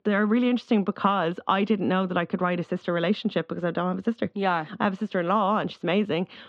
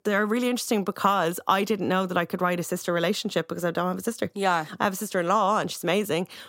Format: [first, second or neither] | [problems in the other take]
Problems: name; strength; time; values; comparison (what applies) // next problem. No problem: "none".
second | muffled; slightly; fading above 3.5 kHz